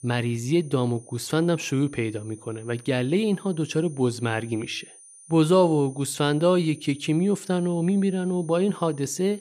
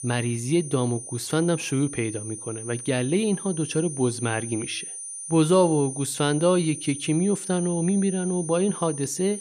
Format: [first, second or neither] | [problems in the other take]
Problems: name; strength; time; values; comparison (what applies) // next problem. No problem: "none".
first | high-pitched whine; loud; throughout; 9.5 kHz, 9 dB below the speech; faint in the first